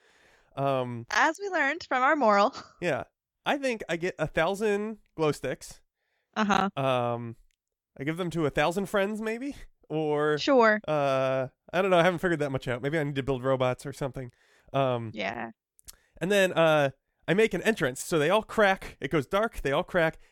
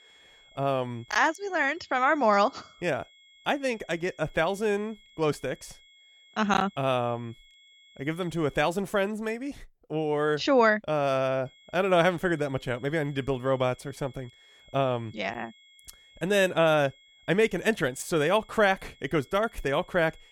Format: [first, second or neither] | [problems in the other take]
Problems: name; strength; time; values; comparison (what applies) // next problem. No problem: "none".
first | high-pitched whine; faint; until 8.5 s and from 11 s on; 3.5 kHz, 30 dB below the speech